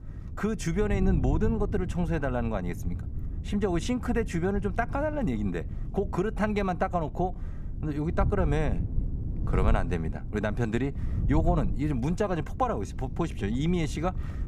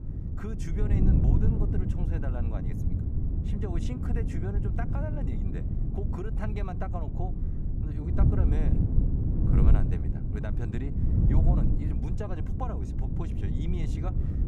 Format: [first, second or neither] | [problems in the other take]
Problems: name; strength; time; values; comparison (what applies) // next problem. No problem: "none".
first | wind noise on the microphone; heavy; 1 dB above the speech; occasional gusts in the first